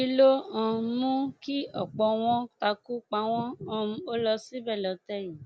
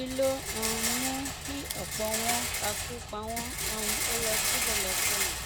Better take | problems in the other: first | background sound (Rattle); 4 dB above the speech

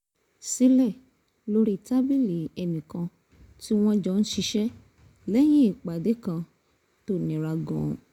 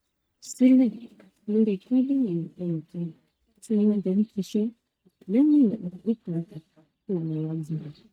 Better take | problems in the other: first | noise reduction (neural mask model DeepFilterNet 3)

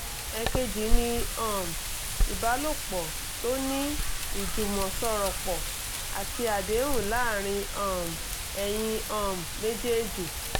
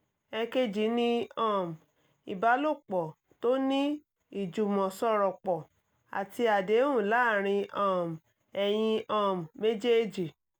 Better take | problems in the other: second | background sound (Wind); 1 dB above the speech

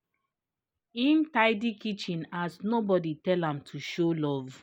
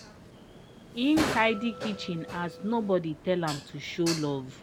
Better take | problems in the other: first | background sound (Dishes, pots, and pans); 9 dB below the speech

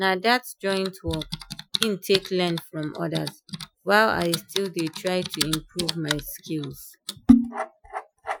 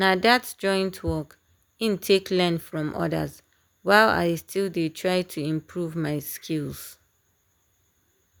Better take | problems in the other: second | noise reduction (classical method Wiener filter)

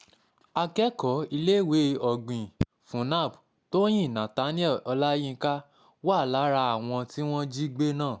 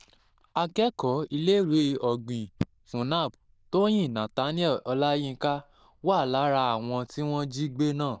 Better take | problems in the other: first | noise reduction (neural diffusion model UNIVERSE++)

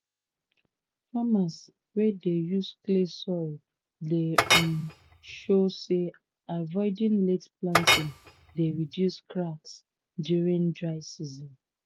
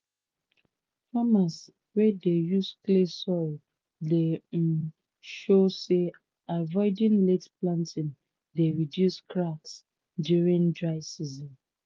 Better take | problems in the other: second | background sound (Chink, clink); 1 dB above the speech

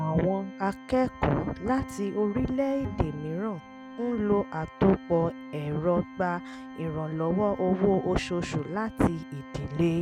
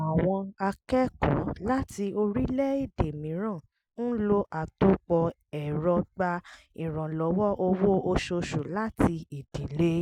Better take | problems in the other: second | background sound (Organ + Bowed string instrument); 15 dB below the speech

